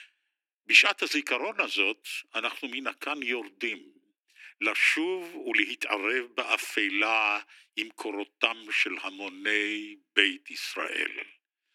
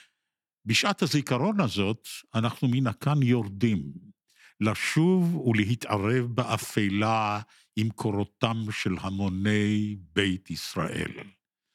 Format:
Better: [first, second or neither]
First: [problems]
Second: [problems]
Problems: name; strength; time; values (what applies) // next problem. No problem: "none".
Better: second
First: thin; very; fading below 300 Hz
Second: none